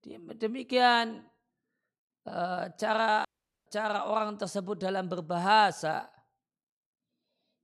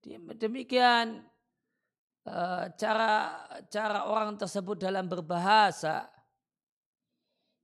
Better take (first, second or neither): second